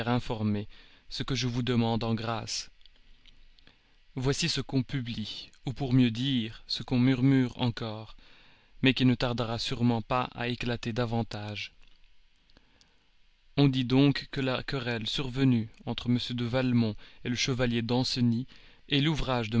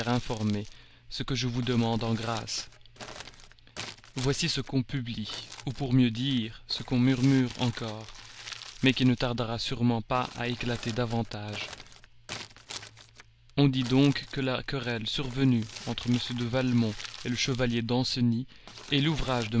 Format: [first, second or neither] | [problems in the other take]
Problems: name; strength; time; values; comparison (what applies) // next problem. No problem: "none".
first | background sound (Crumpling, crinkling); 17 dB below the speech